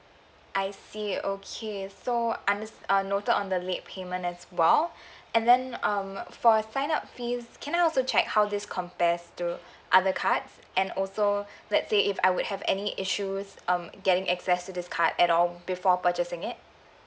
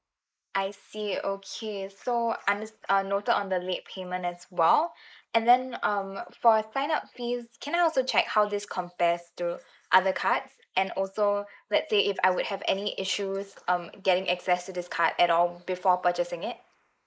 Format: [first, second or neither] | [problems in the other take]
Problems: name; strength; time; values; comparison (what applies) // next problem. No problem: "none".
first | noise reduction (neural mask model Resemble Enhance denoiser)